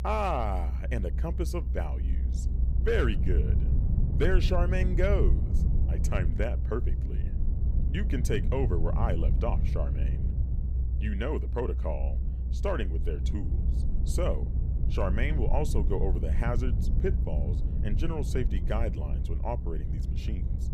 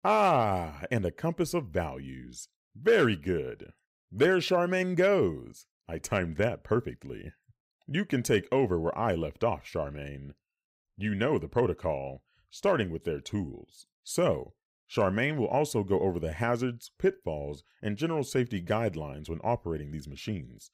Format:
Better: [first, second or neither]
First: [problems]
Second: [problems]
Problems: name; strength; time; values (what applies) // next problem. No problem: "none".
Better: second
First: low rumble; noticeable; throughout; 10 dB below the speech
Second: none